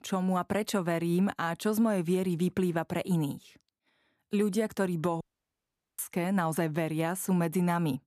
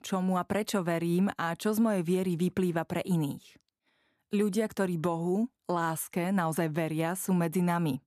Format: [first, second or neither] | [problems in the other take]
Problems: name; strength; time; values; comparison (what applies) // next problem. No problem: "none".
second | audio cutting out; at 5 s for 1 s